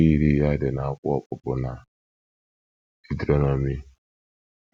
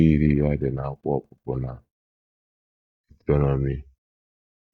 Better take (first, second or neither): first